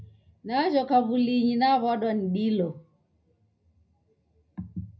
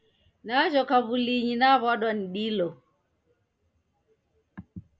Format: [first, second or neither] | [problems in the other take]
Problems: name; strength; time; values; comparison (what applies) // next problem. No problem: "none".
second | room echo; dies away in 0.4 s